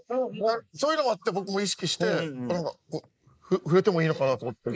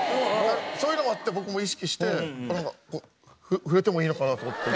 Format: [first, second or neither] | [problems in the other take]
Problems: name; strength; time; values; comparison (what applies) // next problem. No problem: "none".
second | noise reduction (neural mask model Resemble Enhance denoiser)